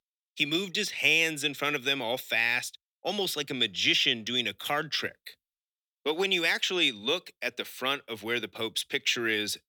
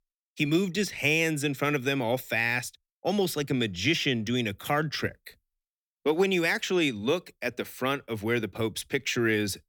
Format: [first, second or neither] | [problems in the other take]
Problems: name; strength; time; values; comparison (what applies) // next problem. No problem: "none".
second | thin; very slightly; fading below 450 Hz